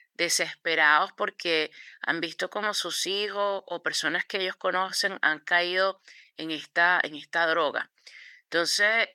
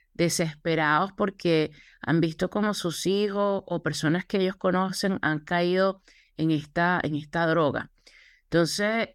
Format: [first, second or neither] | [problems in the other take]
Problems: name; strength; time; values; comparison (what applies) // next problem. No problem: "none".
second | thin; very; fading below 550 Hz